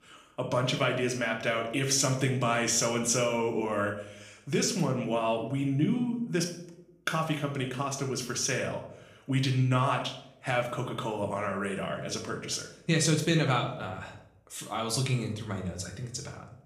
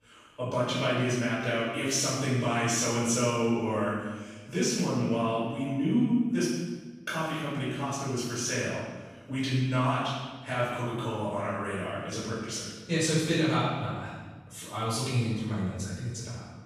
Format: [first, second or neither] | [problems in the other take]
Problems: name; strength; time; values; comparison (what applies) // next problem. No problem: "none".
first | room echo; strong; dies away in 1.2 s; slight in the first // off-mic speech; far; somewhat distant in the first